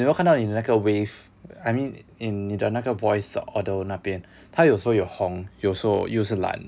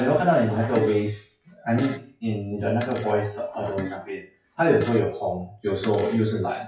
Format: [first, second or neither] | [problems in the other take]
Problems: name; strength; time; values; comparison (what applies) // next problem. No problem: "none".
first | noise reduction (classical method WPE with log-MMSE)